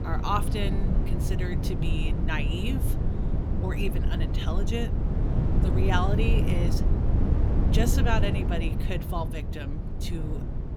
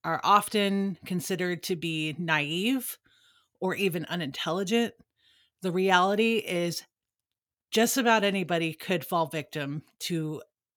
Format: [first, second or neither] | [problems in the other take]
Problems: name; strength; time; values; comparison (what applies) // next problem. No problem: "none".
second | low rumble; loud; throughout; 4 dB below the speech